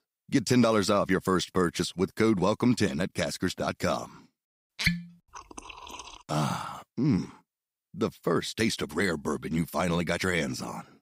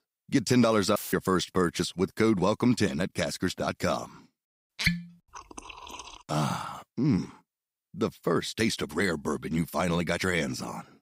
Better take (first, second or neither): first